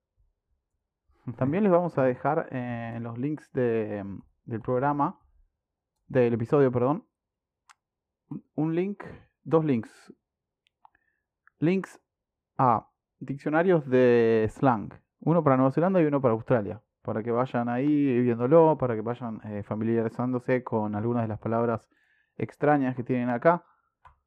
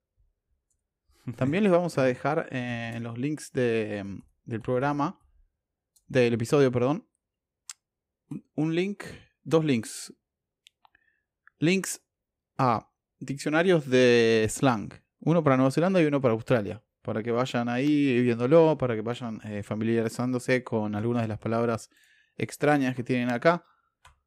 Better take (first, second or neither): second